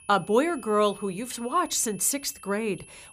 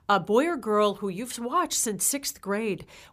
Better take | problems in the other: second | high-pitched whine; noticeable; throughout; 10.5 kHz, 20 dB below the speech

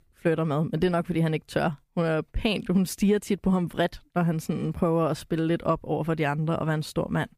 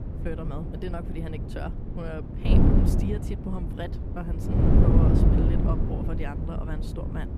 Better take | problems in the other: first | wind noise on the microphone; heavy; 4 dB above the speech

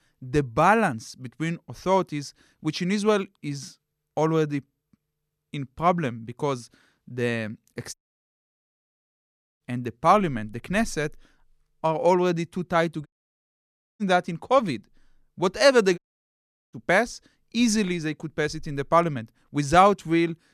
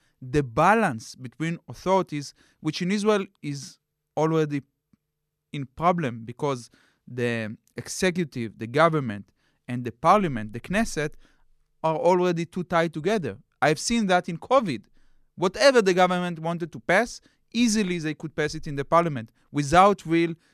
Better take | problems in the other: second | audio cutting out; at 8 s for 1.5 s, at 13 s for 1 s and at 16 s for 1 s

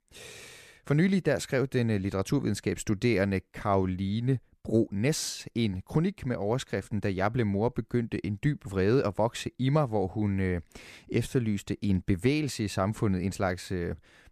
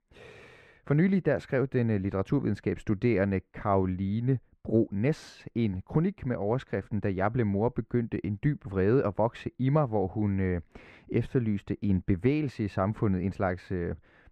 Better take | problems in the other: first | muffled; very; fading above 4 kHz

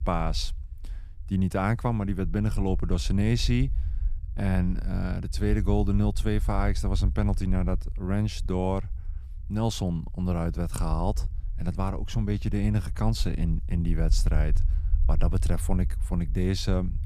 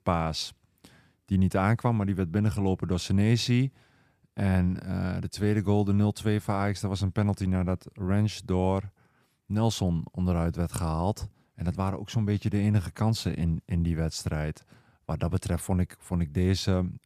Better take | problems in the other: second | low rumble; faint; throughout; 20 dB below the speech

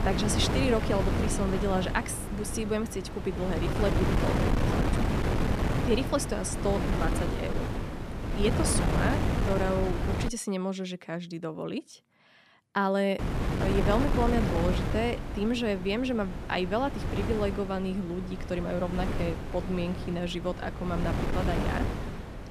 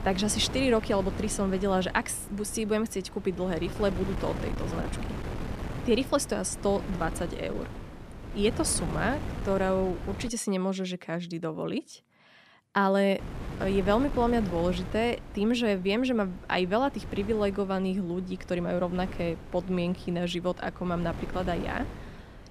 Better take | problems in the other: second | wind noise on the microphone; heavy; until 10 s and from 13 s on; 3 dB below the speech; occasional gusts in the second

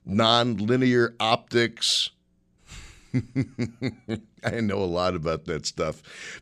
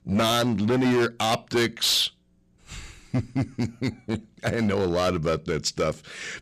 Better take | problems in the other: first | distortion; heavy; 11% of the sound clipped

